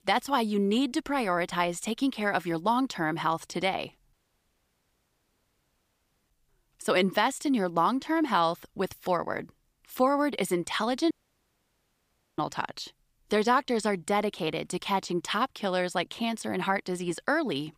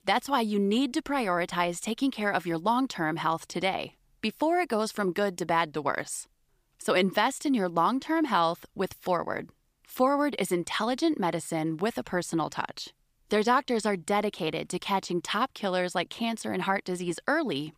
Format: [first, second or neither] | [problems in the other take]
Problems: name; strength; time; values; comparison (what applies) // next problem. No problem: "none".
second | audio cutting out; at 4 s for 2 s and at 11 s for 1.5 s